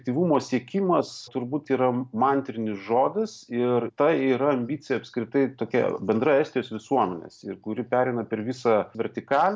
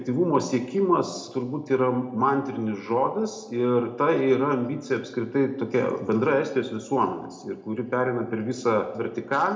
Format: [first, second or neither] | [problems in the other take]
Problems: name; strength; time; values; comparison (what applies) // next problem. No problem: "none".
first | room echo; dies away in 0.6 s